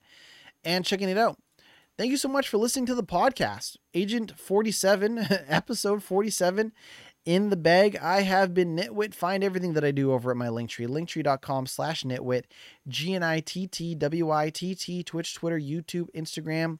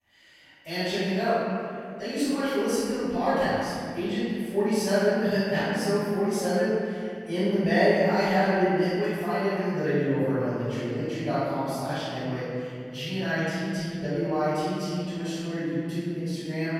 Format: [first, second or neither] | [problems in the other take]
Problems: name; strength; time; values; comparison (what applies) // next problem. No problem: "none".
first | off-mic speech; far // room echo; strong; dies away in 2.5 s